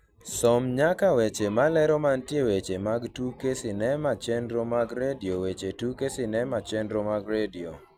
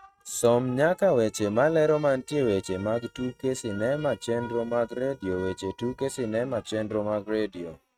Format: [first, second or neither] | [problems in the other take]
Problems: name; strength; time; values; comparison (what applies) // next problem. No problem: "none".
first | noise reduction (neural mask model RNNoise)